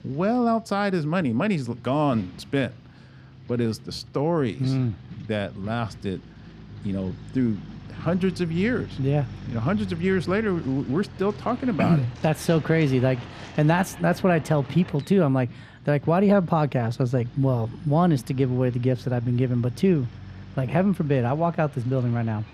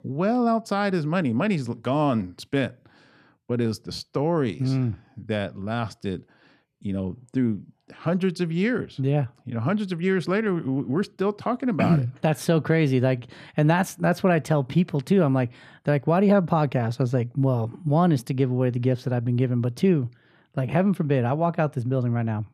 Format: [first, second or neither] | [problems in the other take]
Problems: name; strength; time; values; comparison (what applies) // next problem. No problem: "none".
second | traffic noise; noticeable; throughout; 15 dB below the speech